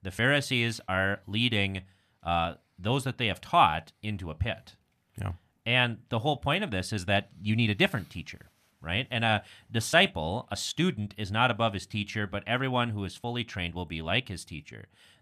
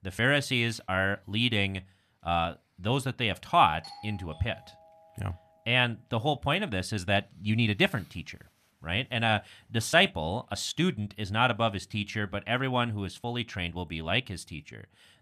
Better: first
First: none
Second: doorbell; faint; from 4 to 5.5 s; peak 15 dB below the speech

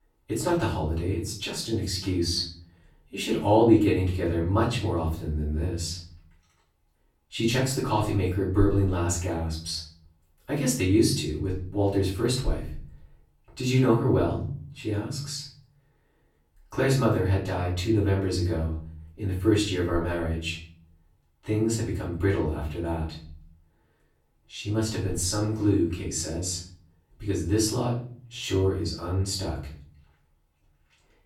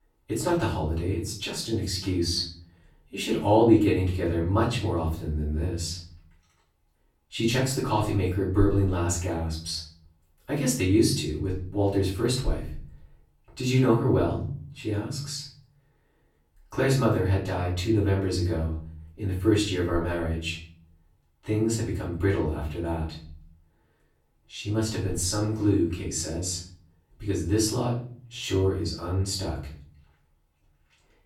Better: neither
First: off-mic speech; far // room echo; slight; dies away in 0.5 s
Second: off-mic speech; far // room echo; slight; dies away in 0.5 s

